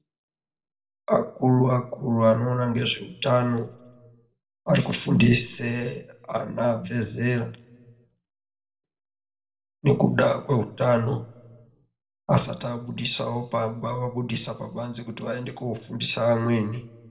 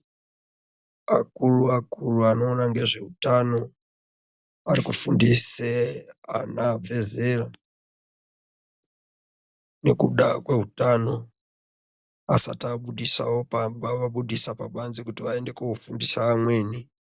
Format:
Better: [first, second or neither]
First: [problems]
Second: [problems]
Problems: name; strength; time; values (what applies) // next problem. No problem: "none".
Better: second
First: room echo; dies away in 0.7 s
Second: none